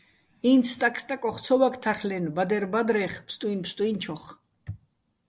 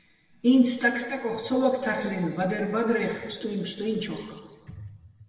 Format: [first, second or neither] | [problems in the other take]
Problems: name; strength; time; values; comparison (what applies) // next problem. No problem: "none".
first | room echo; dies away in 1.3 s